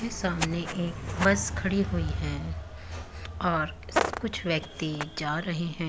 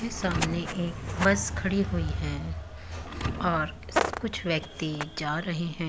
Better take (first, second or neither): first